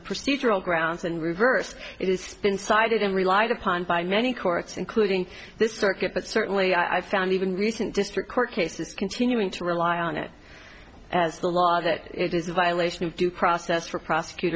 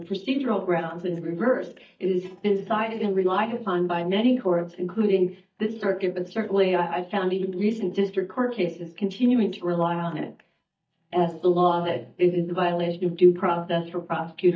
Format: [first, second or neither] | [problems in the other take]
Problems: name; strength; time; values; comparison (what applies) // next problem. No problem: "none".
first | noise reduction (neural mask model DeepFilterNet 3)